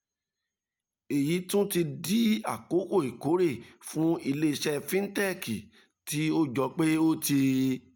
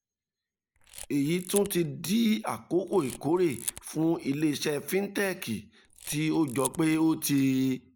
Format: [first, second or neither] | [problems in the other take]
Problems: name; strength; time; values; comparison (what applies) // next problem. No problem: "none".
first | noise reduction (neural mask model Resemble Enhance denoiser)